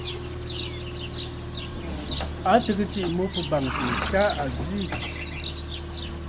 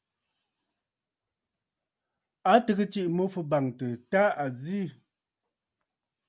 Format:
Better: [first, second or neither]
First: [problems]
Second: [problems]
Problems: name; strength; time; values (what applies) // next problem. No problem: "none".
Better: second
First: background sound (Accelerating, revving, vroom + Livestock, farm animals, working animals); 3 dB below the speech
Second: none